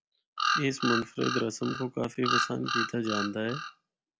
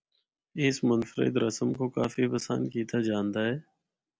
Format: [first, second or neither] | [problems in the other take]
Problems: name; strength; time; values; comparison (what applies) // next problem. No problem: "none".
second | background sound (Bird vocalization, bird call, bird song); as loud as the speech